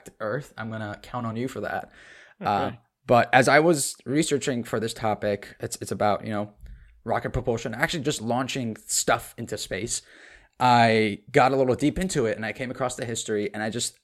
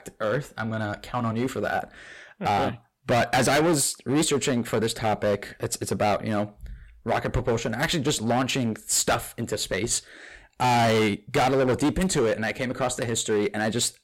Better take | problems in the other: first | distortion; heavy; 11% of the sound clipped

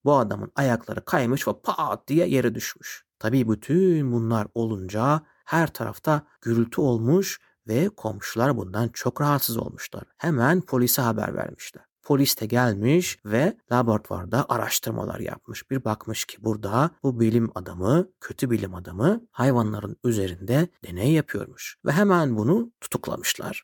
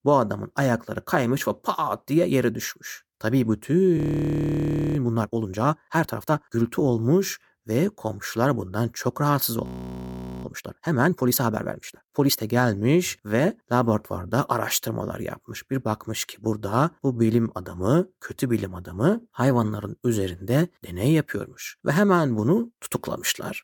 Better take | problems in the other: first | audio freezing; at 4 s for 1 s and at 9.5 s for 1 s

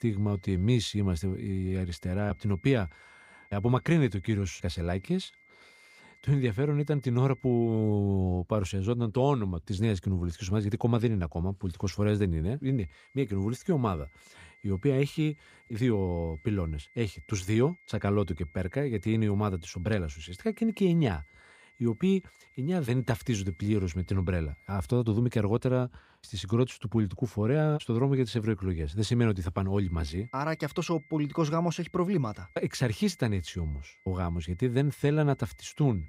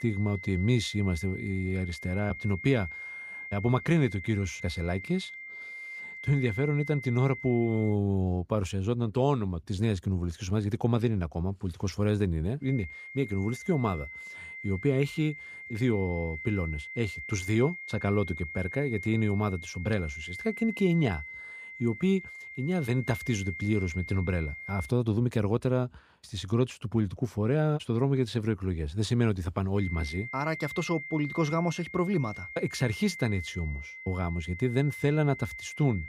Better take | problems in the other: first | high-pitched whine; loud; until 8 s, from 13 to 25 s and from 30 s on; 2 kHz, 10 dB below the speech; faint in the first

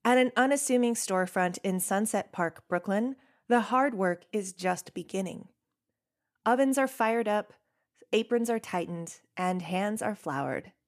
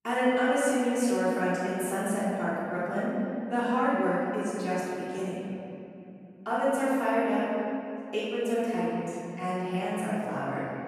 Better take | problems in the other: first | off-mic speech; far // room echo; strong; dies away in 3 s

